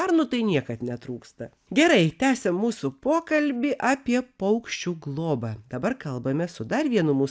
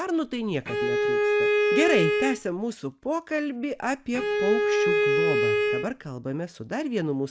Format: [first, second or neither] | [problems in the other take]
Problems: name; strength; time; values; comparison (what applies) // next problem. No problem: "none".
first | background sound (Bowed string instrument); 5 dB above the speech